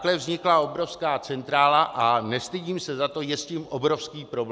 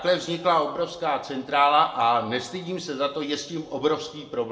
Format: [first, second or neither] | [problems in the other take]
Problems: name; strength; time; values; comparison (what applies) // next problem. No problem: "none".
first | room echo; dies away in 0.6 s